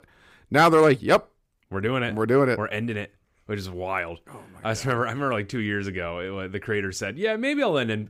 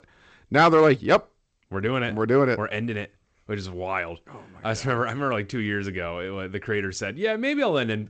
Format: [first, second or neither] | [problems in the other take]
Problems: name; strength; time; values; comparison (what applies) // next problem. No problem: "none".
first | garbled, watery; slightly; nothing above 8 kHz